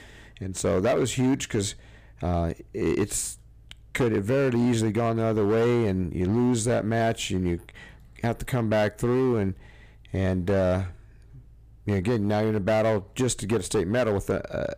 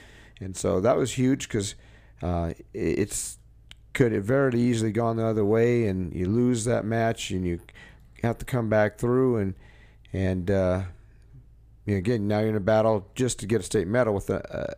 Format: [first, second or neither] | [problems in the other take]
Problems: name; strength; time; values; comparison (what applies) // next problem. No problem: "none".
second | distortion; slight; 10% of the sound clipped